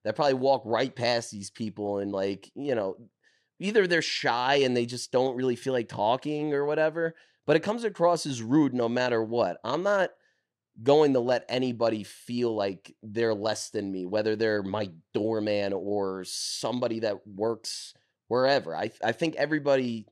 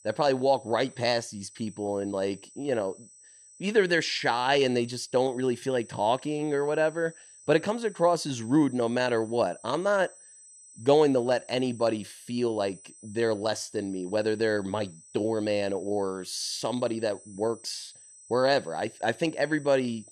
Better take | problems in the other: first | high-pitched whine; faint; throughout; 8 kHz, 20 dB below the speech

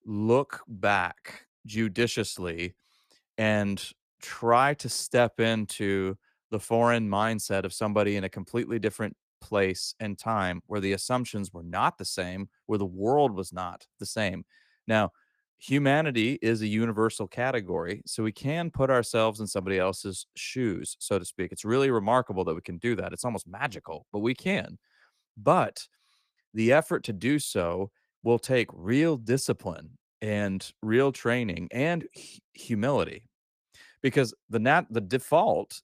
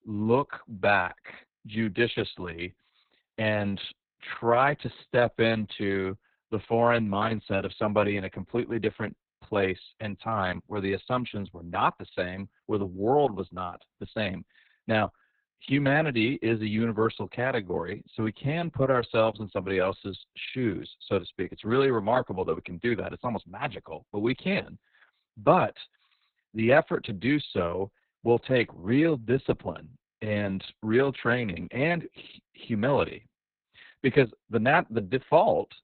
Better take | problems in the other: first | garbled, watery; badly; nothing above 4 kHz; slightly in the first

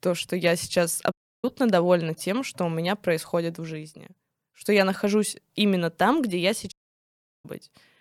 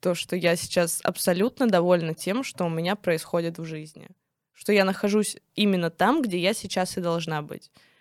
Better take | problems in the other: second | audio cutting out; at 1 s and at 6.5 s for 0.5 s

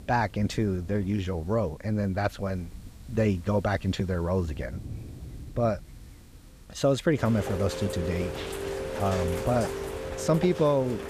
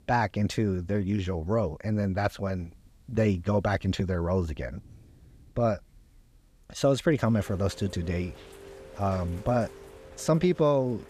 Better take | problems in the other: second | rain or running water; loud; throughout; 8 dB below the speech; faint in the second

